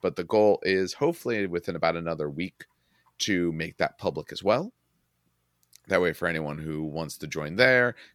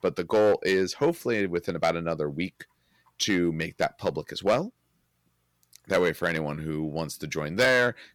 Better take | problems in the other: first | distortion; slight; 2% of the sound clipped

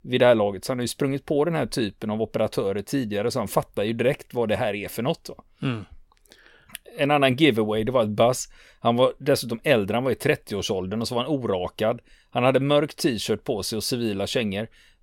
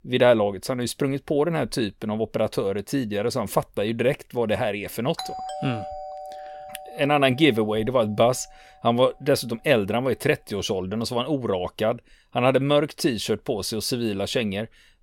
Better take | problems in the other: first | doorbell; noticeable; from 5 to 7.5 s; peak 9 dB below the speech

